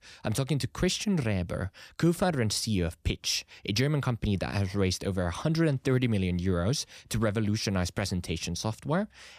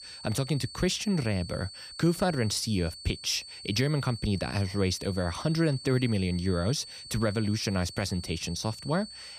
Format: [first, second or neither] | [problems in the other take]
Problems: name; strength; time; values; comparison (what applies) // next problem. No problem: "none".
first | high-pitched whine; noticeable; throughout; 4.5 kHz, 15 dB below the speech